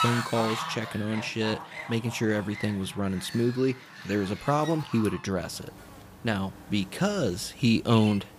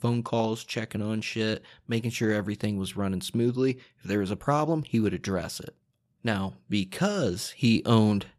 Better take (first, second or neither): second